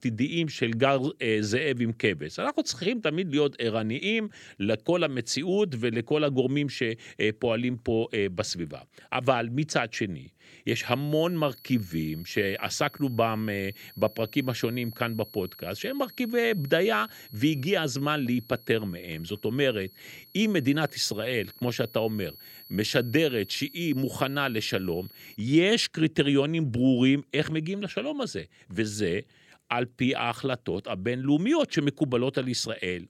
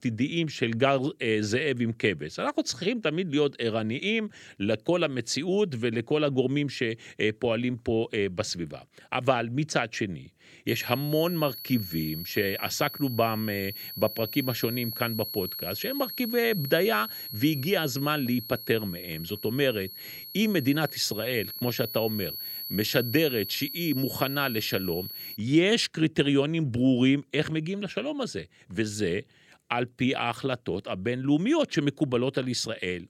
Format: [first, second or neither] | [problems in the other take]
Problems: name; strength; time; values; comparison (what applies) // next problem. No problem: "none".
first | high-pitched whine; loud; from 11 to 25 s; 4.5 kHz, 8 dB below the speech; faint in the first